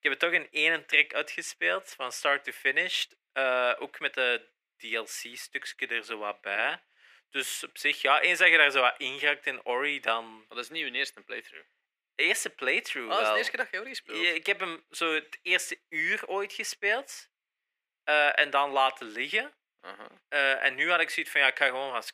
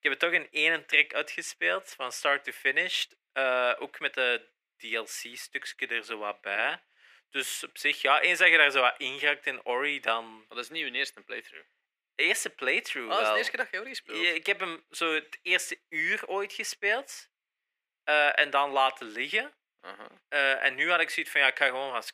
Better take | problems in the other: neither | thin; very; fading below 450 Hz; the same in both

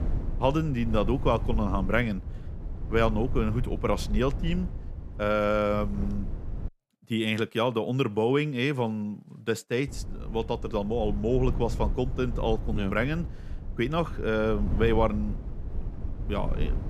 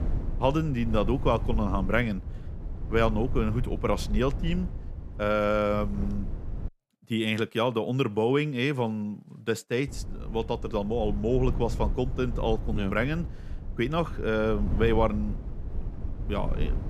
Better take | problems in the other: neither | low rumble; noticeable; until 6.5 s and from 10 s on; 20 dB below the speech; the same in both

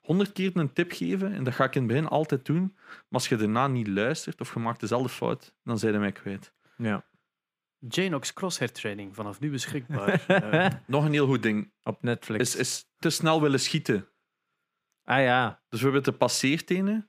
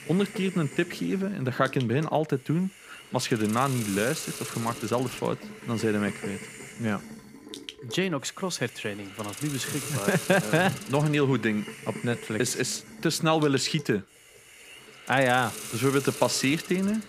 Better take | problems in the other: first | hiss; noticeable; throughout; 10 dB below the speech

